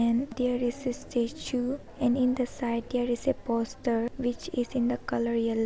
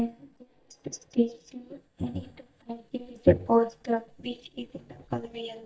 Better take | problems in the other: first | noise reduction (neural mask model DeepFilterNet 3)

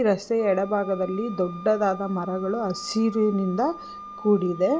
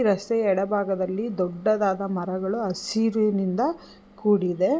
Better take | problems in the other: second | background sound (Wind instrument, woodwind instrument); 16 dB below the speech

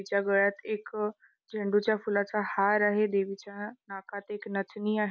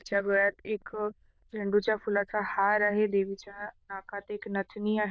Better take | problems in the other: first | noise reduction (neural diffusion model UNIVERSE++)

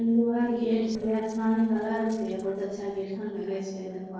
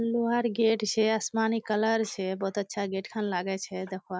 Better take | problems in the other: second | noise reduction (neural separator model SepFormer DNS4)

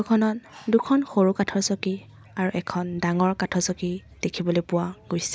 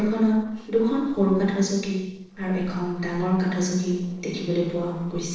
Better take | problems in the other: first | noise reduction (neural separator model SepFormer DNS4)

